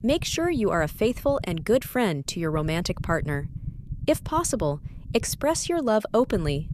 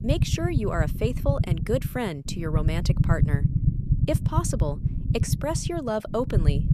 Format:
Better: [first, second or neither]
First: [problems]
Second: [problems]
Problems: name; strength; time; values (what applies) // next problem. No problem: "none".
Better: first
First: low rumble; faint; throughout; 25 dB below the speech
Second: low rumble; loud; throughout; 8 dB below the speech